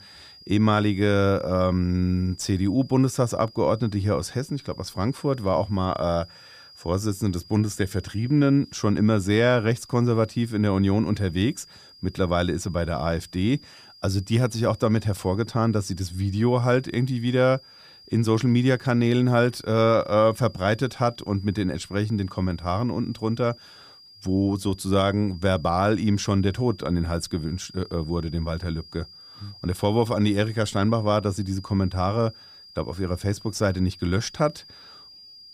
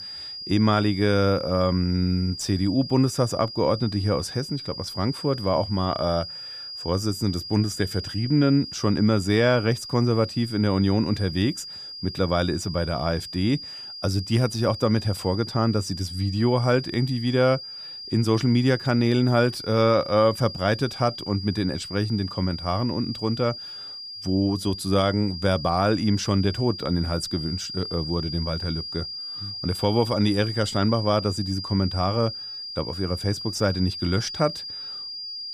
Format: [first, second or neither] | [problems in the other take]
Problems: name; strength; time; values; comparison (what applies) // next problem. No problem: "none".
first | high-pitched whine; loud; throughout; 5 kHz, 9 dB below the speech; faint in the first